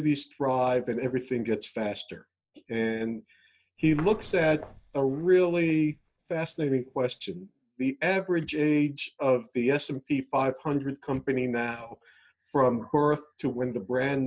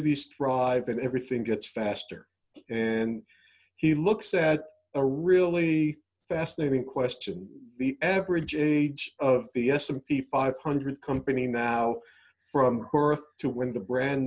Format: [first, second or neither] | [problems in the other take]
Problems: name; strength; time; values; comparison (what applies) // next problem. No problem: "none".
second | noise reduction (neural mask model DeepFilterNet 3)